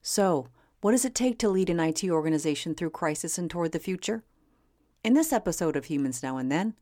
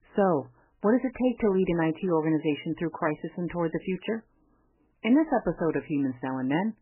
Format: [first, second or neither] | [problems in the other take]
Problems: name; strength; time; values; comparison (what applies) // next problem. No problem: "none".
first | garbled, watery; badly; nothing above 3 kHz